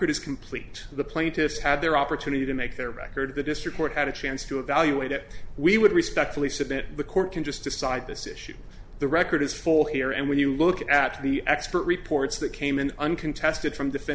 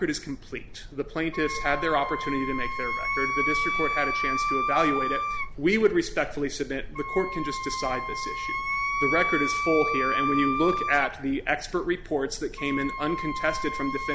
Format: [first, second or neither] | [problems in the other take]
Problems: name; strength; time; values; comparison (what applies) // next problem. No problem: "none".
first | background sound (Wind instrument, woodwind instrument); 2 dB below the speech